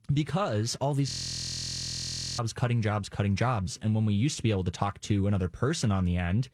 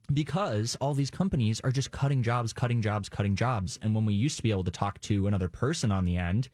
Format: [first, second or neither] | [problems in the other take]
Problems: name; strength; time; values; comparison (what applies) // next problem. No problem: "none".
second | audio freezing; at 1 s for 1.5 s